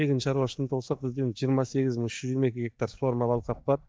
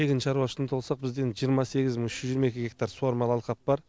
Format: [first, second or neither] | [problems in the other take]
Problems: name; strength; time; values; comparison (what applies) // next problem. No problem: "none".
second | noise reduction (neural mask model DeepFilterNet 3)